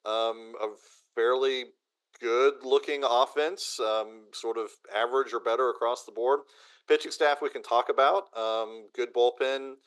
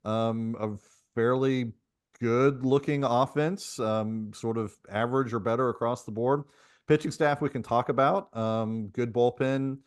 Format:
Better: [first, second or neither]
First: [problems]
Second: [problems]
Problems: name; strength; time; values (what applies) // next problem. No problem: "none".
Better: second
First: thin; very; fading below 350 Hz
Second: none